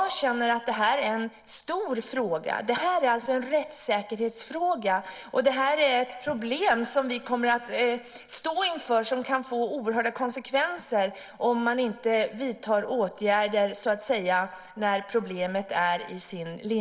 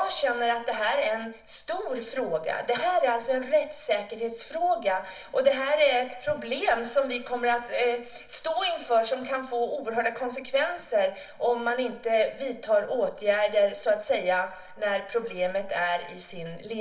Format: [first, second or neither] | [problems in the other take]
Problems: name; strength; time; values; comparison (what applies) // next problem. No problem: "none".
first | room echo; dies away in 0.4 s